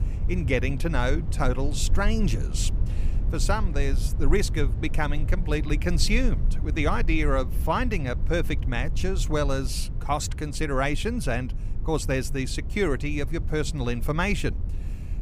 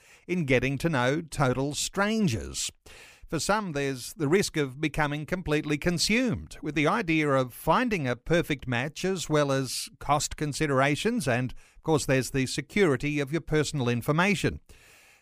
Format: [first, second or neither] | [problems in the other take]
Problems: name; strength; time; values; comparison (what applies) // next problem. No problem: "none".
second | low rumble; noticeable; throughout; 15 dB below the speech